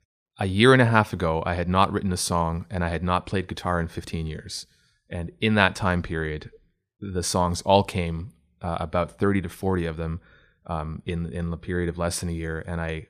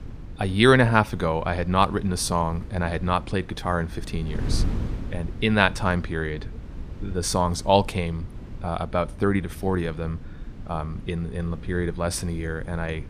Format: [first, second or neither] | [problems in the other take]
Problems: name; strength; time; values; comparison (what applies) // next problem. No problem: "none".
first | wind noise on the microphone; occasional gusts; 20 dB below the speech